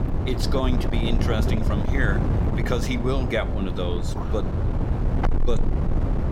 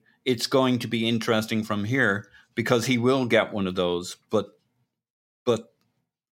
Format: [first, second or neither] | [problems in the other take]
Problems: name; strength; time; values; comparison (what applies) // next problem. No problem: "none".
second | wind noise on the microphone; heavy; 3 dB below the speech